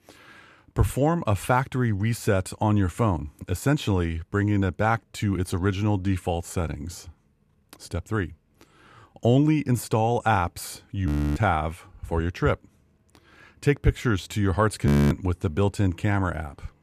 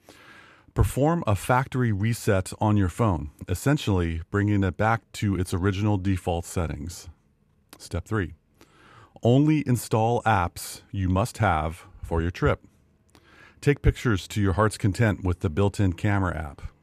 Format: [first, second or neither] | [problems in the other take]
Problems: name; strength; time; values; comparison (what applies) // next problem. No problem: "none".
second | audio freezing; at 11 s and at 15 s